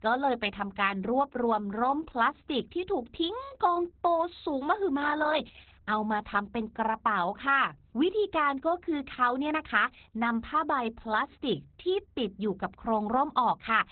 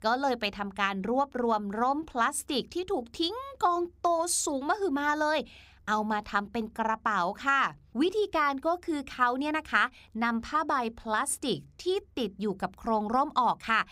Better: second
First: garbled, watery; badly; nothing above 4 kHz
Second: none

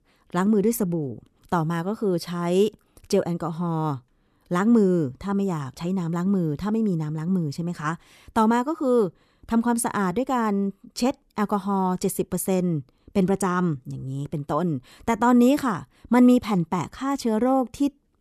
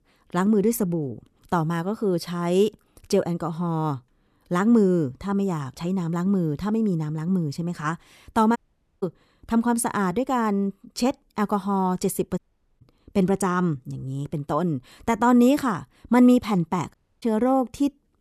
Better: first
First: none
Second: audio cutting out; at 8.5 s, at 12 s and at 17 s

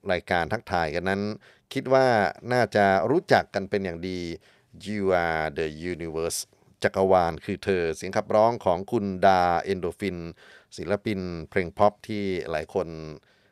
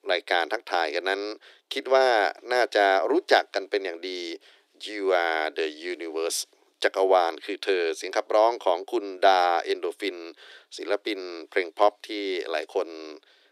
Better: first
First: none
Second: thin; somewhat; fading below 300 Hz

